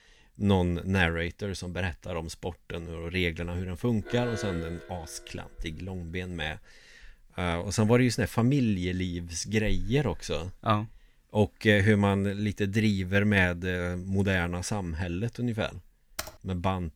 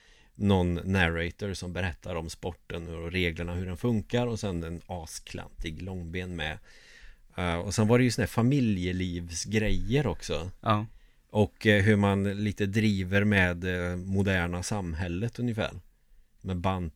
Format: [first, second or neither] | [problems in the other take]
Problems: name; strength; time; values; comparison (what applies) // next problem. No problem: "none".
second | alarm; noticeable; from 4 to 5.5 s; peak 9 dB below the speech // keyboard typing; faint; at 16 s; peak 10 dB below the speech